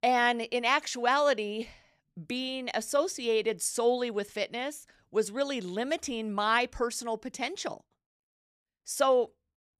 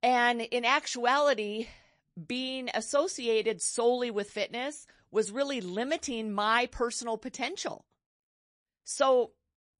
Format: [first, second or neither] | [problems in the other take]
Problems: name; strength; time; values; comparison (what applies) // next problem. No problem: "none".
first | garbled, watery; slightly; nothing above 10.5 kHz